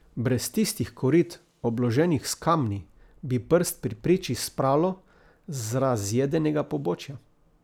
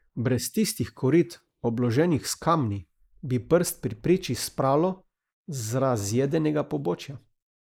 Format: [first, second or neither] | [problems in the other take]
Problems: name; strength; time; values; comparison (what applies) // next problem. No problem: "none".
first | noise reduction (neural mask model Resemble Enhance denoiser)